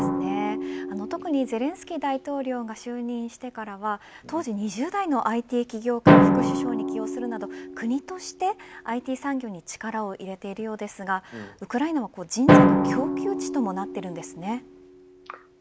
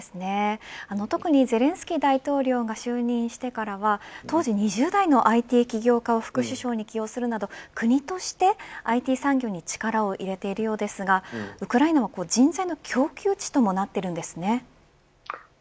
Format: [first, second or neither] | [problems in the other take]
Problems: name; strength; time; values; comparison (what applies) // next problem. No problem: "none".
second | background sound (Drum); 4 dB above the speech